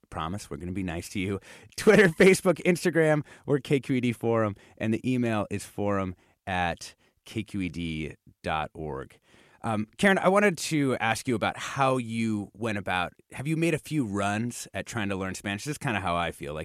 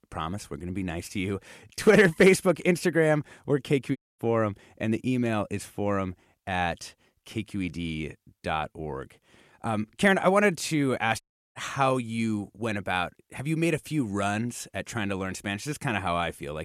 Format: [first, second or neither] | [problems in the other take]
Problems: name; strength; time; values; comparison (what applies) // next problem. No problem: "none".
first | audio cutting out; at 4 s and at 11 s